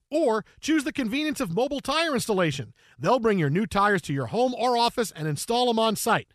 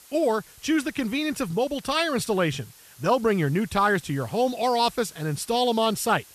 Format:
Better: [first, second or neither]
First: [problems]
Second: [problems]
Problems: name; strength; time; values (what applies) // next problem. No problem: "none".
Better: first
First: none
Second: hiss; faint; throughout; 25 dB below the speech